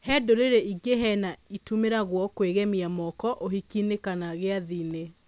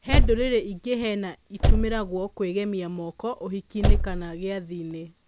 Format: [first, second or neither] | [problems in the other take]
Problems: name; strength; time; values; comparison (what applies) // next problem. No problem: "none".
first | background sound (Slam / Car); 5 dB above the speech